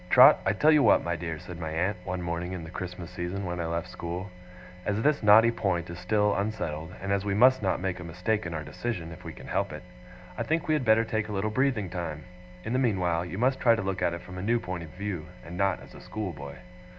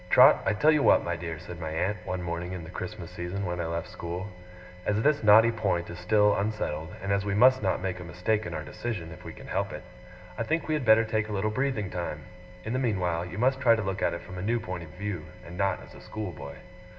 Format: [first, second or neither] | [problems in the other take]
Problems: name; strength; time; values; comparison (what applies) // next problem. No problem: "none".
first | room echo; dies away in 1.5 s